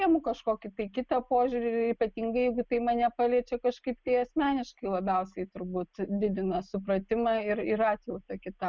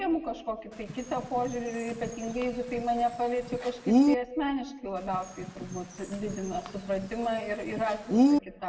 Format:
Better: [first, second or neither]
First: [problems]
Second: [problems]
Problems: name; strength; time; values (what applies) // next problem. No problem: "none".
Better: first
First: none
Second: background sound (Bird); 1 dB above the speech // room echo; dies away in 1.3 s